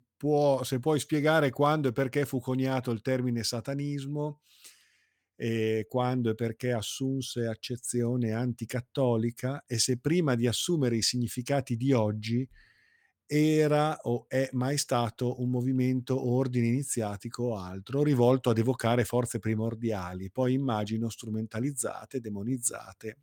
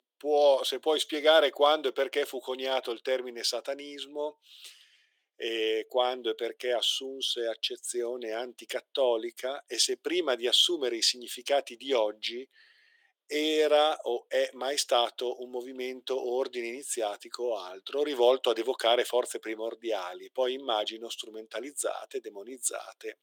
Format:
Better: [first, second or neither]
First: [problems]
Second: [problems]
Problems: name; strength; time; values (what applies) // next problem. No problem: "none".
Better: first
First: none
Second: thin; very; fading below 350 Hz